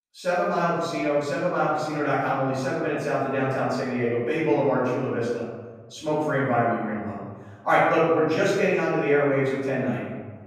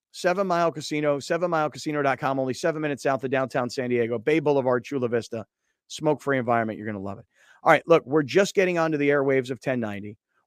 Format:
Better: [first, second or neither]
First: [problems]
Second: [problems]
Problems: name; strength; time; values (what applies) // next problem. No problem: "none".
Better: second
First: room echo; noticeable; dies away in 1.3 s // off-mic speech; far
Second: none